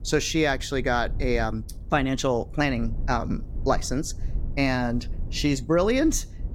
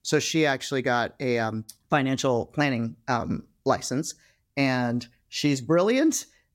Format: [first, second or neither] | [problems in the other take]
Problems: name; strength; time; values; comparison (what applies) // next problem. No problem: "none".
second | low rumble; faint; throughout; 25 dB below the speech